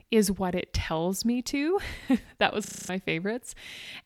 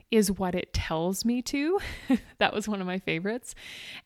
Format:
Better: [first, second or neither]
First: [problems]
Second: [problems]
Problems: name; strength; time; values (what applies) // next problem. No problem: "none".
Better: second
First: audio freezing; at 2.5 s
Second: none